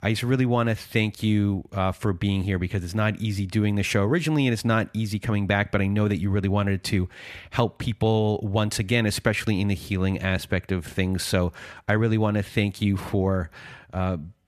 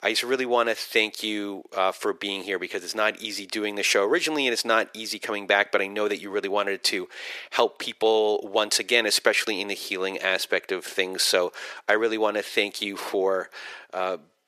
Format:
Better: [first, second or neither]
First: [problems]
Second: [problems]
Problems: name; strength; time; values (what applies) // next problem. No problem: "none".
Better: first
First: none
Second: thin; very; fading below 400 Hz